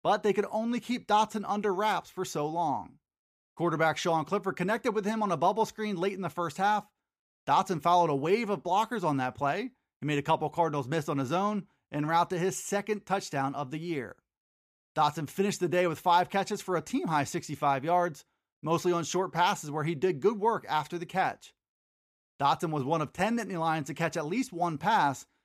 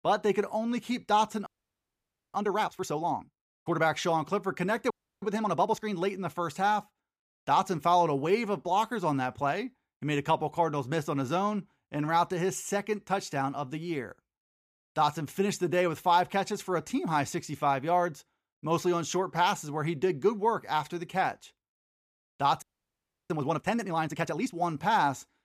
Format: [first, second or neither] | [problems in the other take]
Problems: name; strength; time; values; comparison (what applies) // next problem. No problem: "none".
first | audio freezing; at 1.5 s for 1 s, at 5 s and at 23 s for 0.5 s